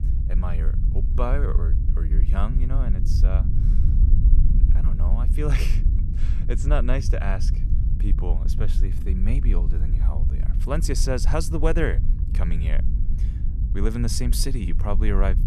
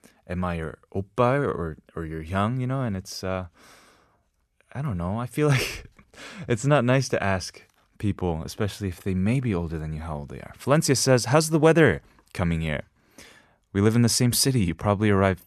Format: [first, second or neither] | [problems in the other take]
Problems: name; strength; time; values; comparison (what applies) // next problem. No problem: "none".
second | low rumble; loud; throughout; 10 dB below the speech